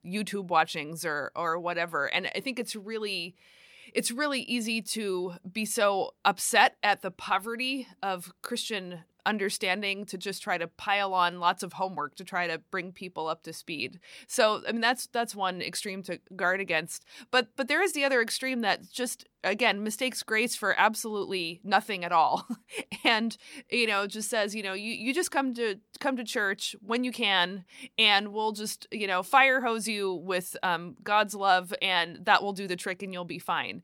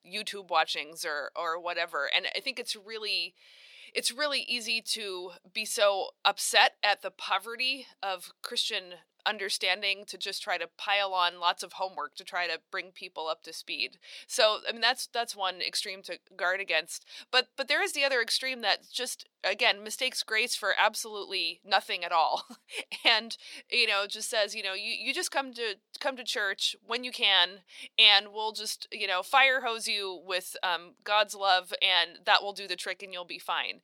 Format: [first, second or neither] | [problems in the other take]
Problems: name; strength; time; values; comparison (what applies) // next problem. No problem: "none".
first | thin; somewhat; fading below 450 Hz